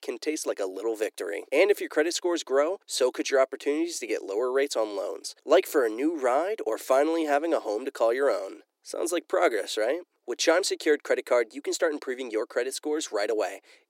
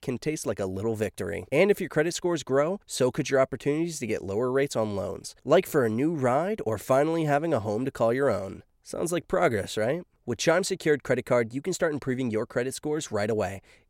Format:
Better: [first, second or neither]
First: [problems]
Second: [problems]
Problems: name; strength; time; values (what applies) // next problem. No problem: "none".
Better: second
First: thin; somewhat; fading below 300 Hz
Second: none